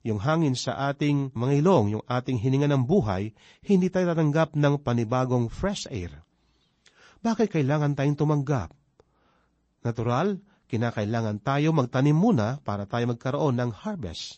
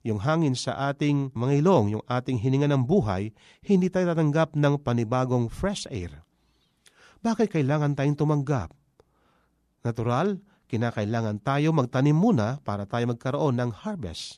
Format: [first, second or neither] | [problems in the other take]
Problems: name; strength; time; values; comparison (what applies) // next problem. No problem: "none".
second | garbled, watery; slightly; nothing above 8 kHz